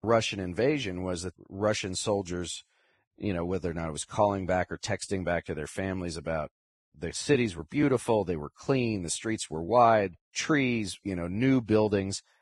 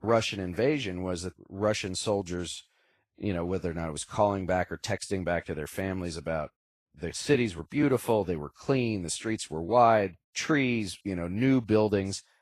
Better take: second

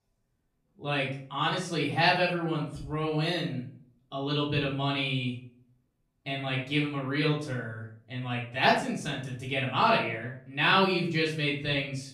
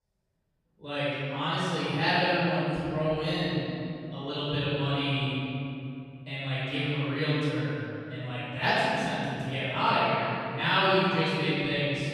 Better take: first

